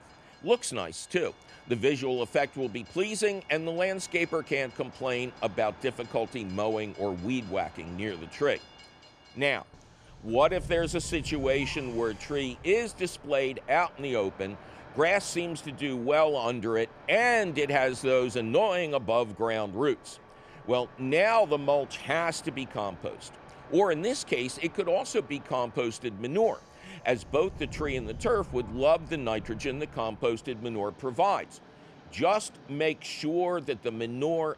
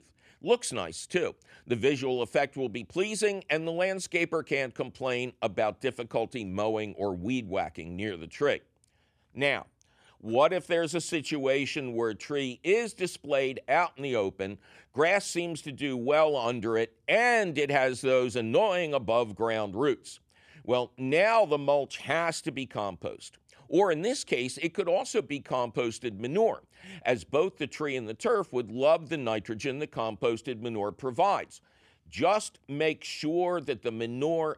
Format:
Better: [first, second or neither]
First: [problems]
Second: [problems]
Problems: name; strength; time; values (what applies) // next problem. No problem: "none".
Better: second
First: train or aircraft noise; noticeable; throughout; 20 dB below the speech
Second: none